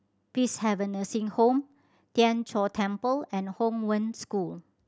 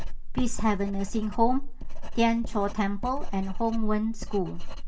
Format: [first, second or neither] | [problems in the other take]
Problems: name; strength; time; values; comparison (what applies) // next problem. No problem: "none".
first | background sound (Writing); 1 dB above the speech // room echo; dies away in 0.2 s